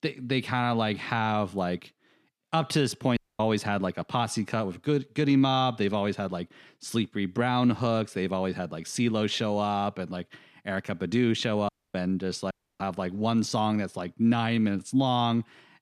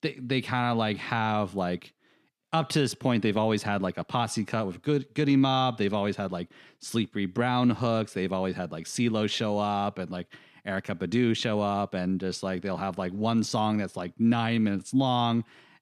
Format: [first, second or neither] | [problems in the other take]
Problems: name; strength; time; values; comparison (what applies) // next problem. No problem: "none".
second | audio cutting out; at 3 s, at 12 s and at 13 s